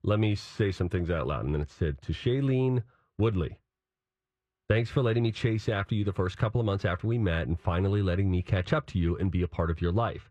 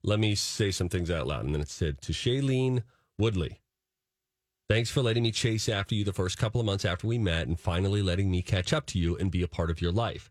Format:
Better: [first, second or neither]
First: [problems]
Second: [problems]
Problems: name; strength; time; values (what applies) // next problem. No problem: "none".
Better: second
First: muffled; very; fading above 4 kHz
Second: none